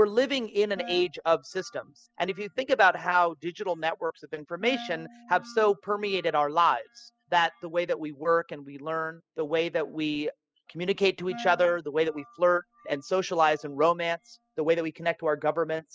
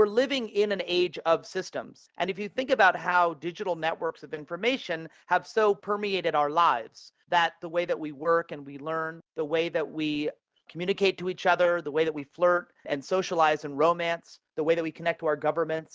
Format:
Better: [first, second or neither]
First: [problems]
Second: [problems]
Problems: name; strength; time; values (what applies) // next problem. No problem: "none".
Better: second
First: noise reduction (classical method spectral subtraction)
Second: none